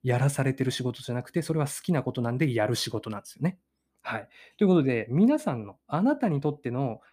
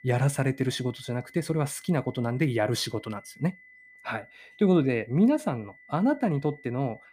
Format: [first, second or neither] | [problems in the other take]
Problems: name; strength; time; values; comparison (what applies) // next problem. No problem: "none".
first | high-pitched whine; faint; throughout; 2 kHz, 25 dB below the speech